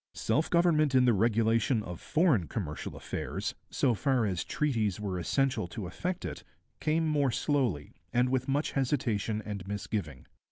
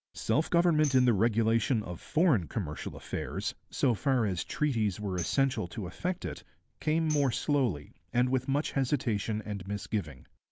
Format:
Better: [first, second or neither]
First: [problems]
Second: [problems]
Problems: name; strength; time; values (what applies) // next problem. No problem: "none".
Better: first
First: none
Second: background sound (Tambourine); 19 dB below the speech